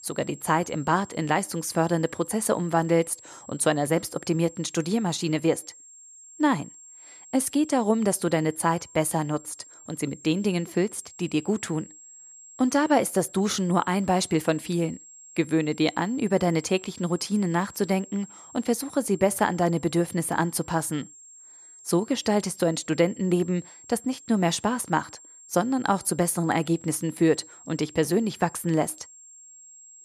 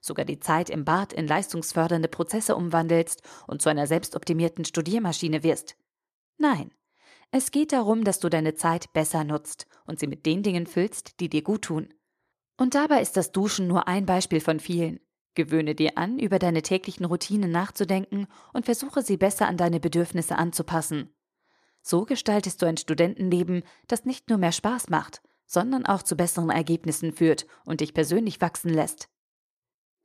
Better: second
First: high-pitched whine; faint; throughout; 7.5 kHz, 20 dB below the speech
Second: none

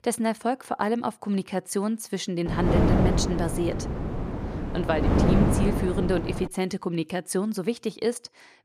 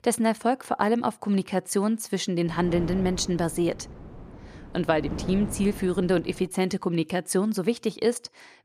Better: second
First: wind noise on the microphone; heavy; from 2.5 to 6.5 s; 1 dB below the speech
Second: wind noise on the microphone; occasional gusts; from 2.5 to 6.5 s; 15 dB below the speech

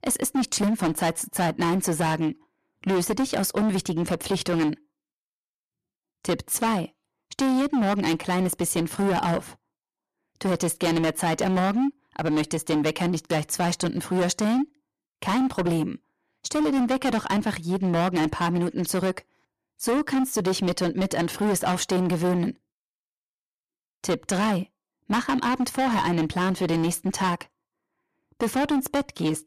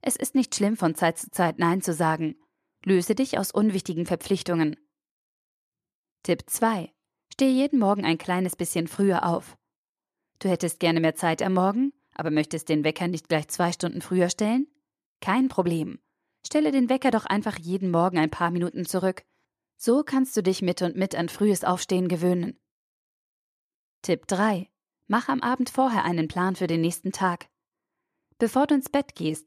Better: second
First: distortion; heavy; 18% of the sound clipped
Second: none

